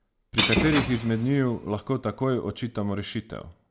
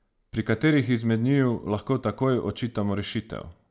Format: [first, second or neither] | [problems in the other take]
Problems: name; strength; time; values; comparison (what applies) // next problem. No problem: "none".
second | background sound (Shatter / Crushing + Bowed string instrument); 3 dB below the speech